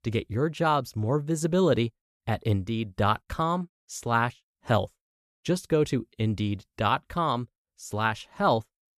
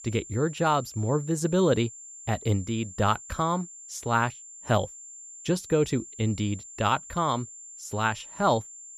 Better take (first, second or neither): first